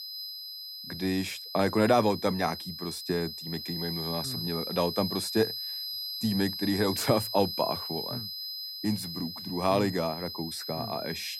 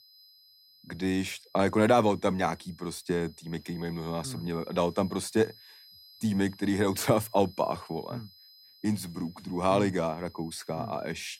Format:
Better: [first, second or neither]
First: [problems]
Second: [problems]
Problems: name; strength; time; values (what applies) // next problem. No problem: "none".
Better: second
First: high-pitched whine; loud; throughout; 5 kHz, 5 dB below the speech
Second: high-pitched whine; faint; throughout; 5 kHz, 25 dB below the speech